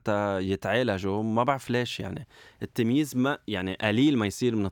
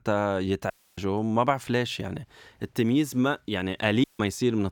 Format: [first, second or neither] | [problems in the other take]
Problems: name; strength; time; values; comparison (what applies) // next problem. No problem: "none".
first | audio cutting out; at 0.5 s and at 4 s